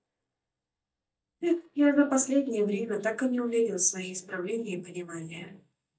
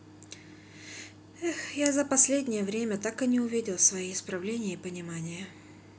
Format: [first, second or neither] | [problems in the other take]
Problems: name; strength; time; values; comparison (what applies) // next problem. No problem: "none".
second | noise reduction (neural mask model DeepFilterNet 3)